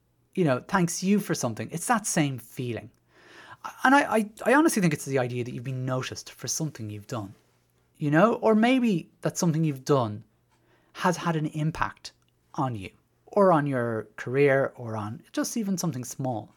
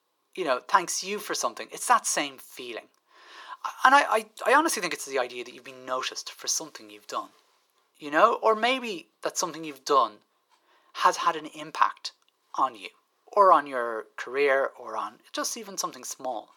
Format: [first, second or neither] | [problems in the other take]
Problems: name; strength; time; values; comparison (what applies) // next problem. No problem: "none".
first | thin; very; fading below 400 Hz